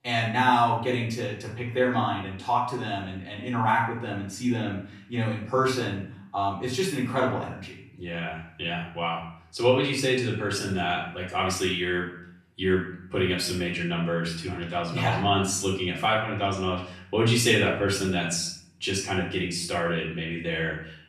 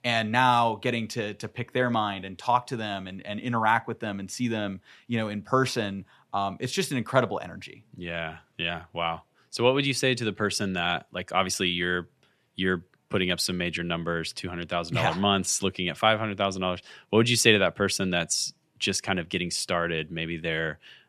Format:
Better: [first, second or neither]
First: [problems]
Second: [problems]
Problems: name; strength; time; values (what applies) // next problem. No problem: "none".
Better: second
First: off-mic speech; far // room echo; noticeable; dies away in 0.5 s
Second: none